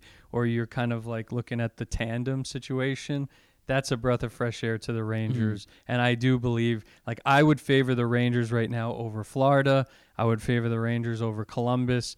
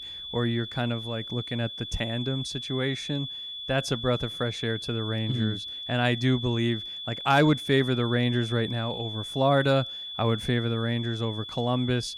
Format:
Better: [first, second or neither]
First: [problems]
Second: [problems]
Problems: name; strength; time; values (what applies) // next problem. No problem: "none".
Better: first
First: none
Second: high-pitched whine; loud; throughout; 3.5 kHz, 7 dB below the speech